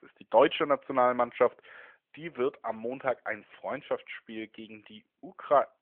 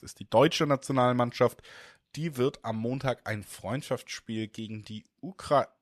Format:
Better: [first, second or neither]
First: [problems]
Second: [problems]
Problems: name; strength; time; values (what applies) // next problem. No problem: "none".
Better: second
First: phone-call audio; nothing above 3 kHz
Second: none